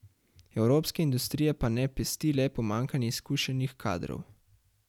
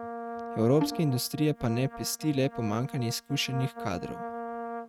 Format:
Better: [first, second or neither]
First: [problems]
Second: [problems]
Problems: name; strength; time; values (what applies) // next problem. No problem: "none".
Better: first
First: none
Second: noise reduction (neural mask model RNNoise)